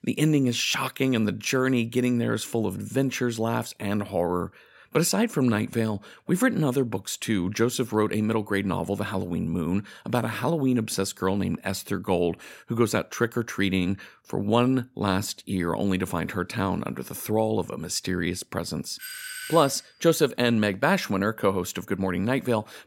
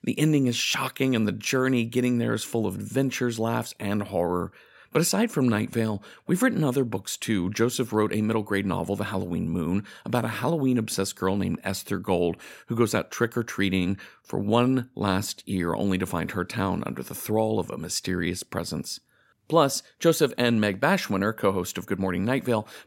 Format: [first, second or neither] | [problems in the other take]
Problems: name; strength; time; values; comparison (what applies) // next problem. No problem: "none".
second | doorbell; noticeable; at 19 s; peak 8 dB below the speech